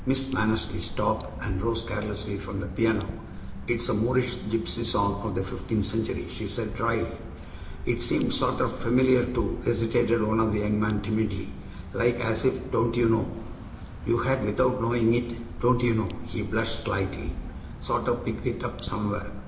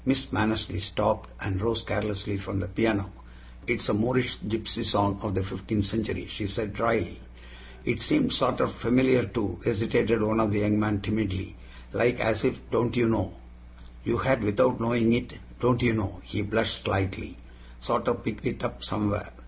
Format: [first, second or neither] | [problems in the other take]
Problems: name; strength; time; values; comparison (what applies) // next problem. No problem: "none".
second | background sound (Drip / Water); 10 dB below the speech // room echo; dies away in 0.8 s